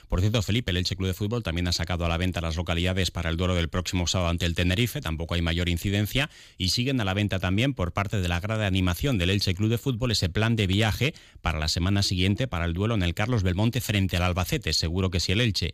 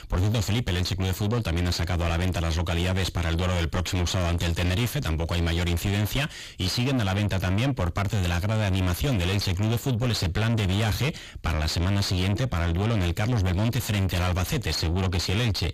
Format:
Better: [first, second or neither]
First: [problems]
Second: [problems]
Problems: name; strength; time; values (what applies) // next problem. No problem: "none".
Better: first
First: none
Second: distortion; heavy; 7 dB below the speech